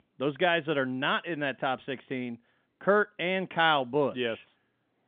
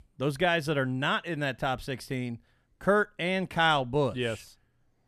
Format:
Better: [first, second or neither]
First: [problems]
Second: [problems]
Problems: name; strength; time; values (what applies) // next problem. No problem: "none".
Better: second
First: phone-call audio; nothing above 3.5 kHz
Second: none